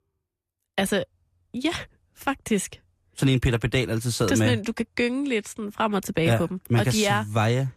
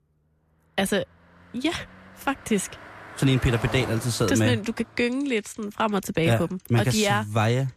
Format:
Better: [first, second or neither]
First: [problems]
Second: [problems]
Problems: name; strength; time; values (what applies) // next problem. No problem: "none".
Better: first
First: none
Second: traffic noise; noticeable; throughout; 15 dB below the speech